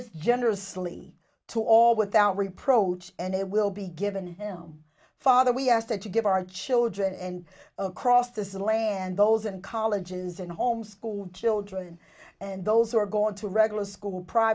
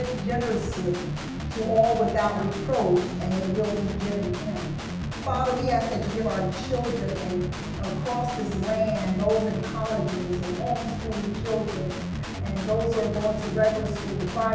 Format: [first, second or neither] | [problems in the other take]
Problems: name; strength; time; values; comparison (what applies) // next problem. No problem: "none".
first | background sound (Guitar); 4 dB below the speech // room echo; dies away in 0.9 s